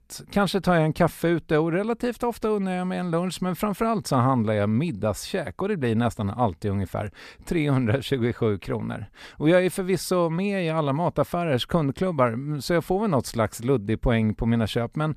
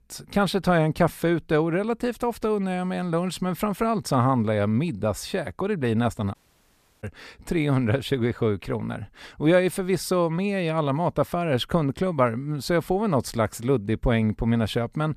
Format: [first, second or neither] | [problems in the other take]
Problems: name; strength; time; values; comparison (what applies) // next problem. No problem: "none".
first | audio cutting out; at 6.5 s for 0.5 s